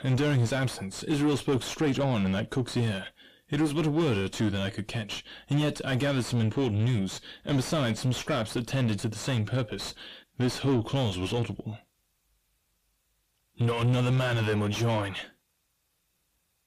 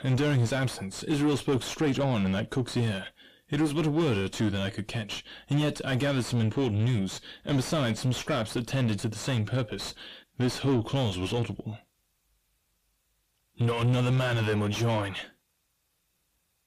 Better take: neither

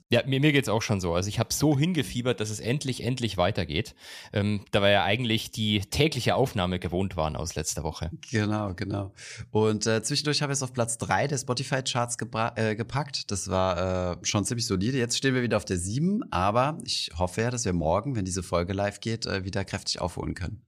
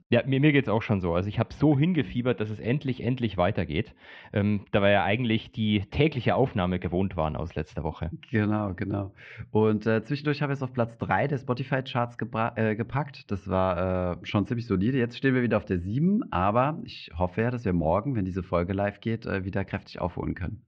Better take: first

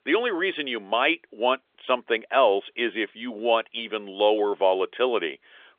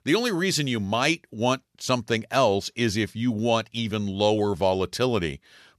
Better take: second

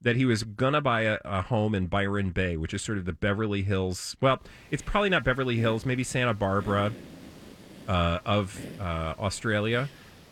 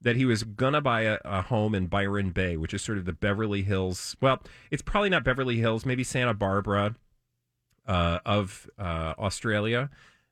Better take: second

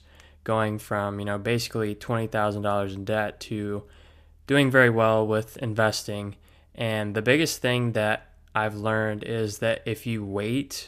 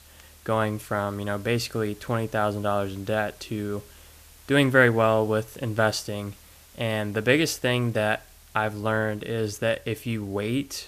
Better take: first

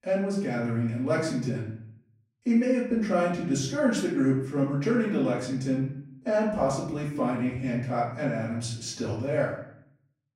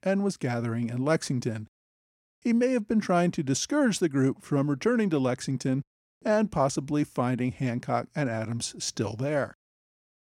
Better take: second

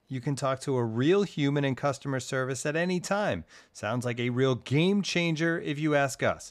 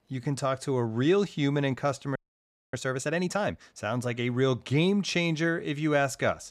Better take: first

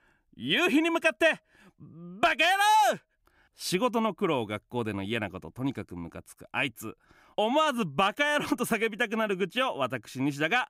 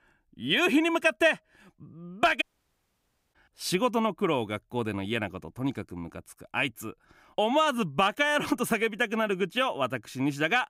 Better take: first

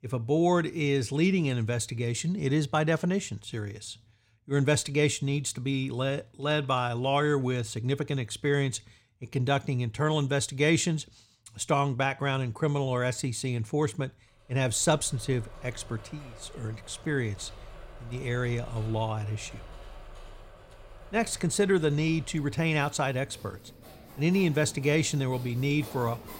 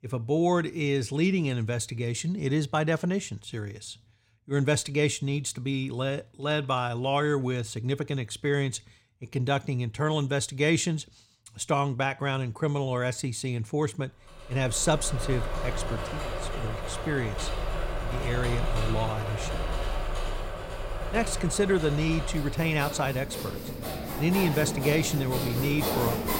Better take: first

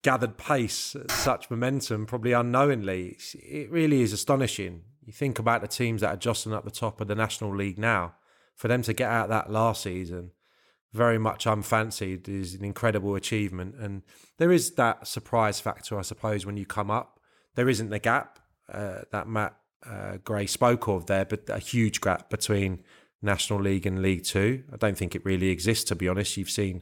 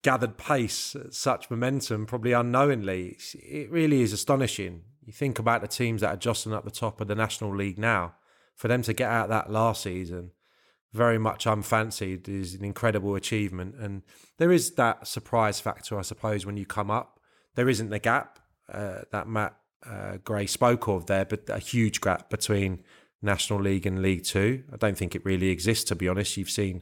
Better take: second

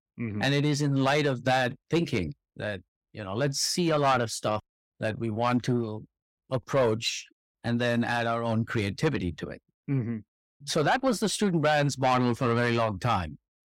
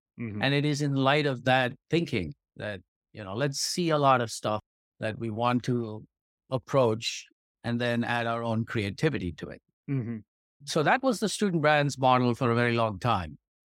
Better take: second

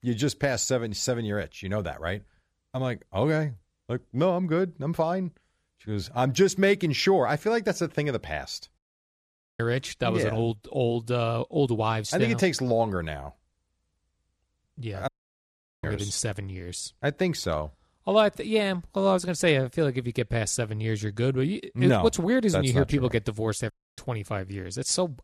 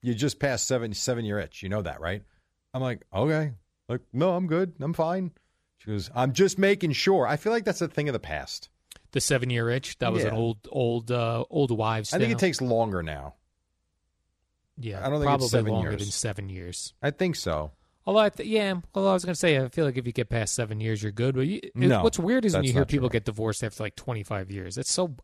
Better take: second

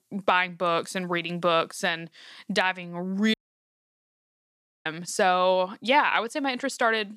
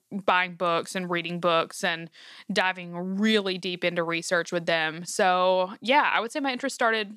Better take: second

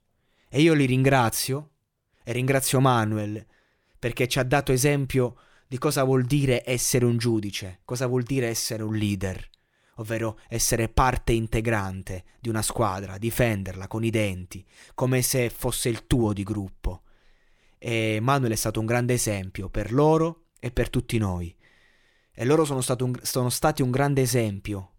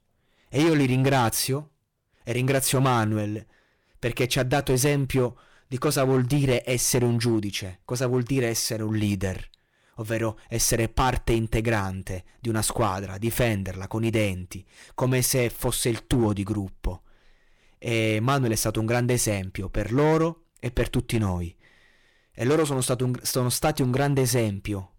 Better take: first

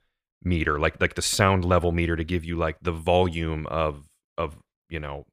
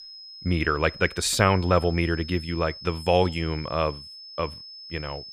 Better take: first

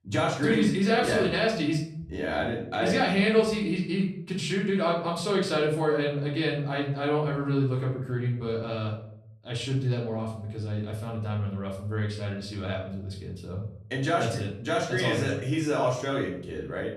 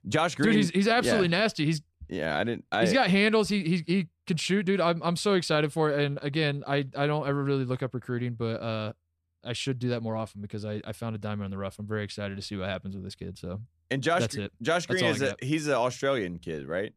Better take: second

